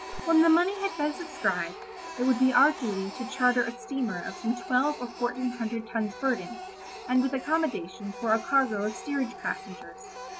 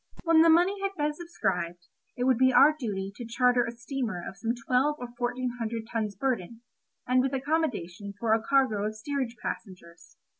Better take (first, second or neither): second